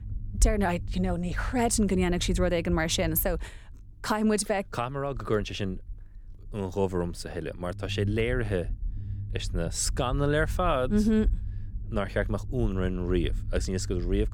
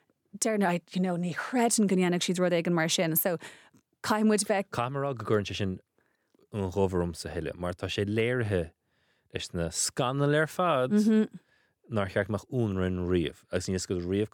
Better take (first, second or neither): second